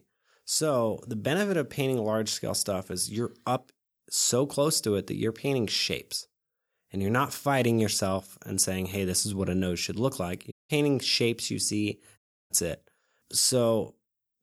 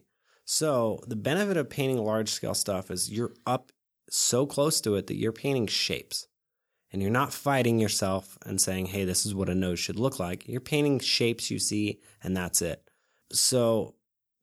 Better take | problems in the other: second | audio cutting out; at 11 s and at 12 s

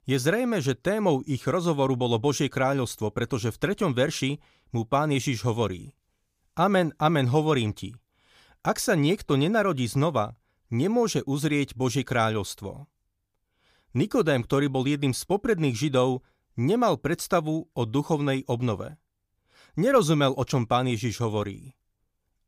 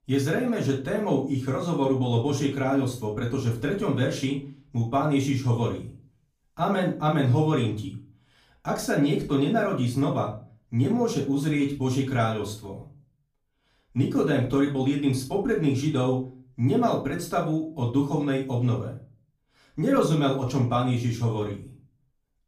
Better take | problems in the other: first | off-mic speech; far // room echo; slight; dies away in 0.3 s

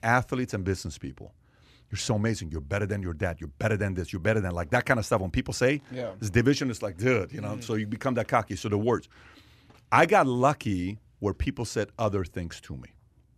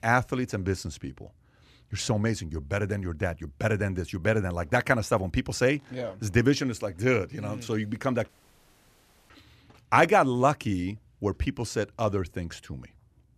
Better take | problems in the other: first | audio cutting out; at 8.5 s for 1 s

